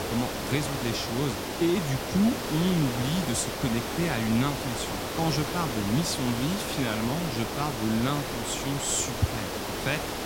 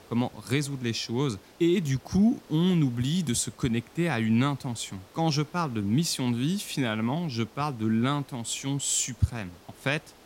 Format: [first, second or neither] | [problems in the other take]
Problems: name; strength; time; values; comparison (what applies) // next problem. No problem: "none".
second | hiss; loud; throughout; 3 dB below the speech; faint in the second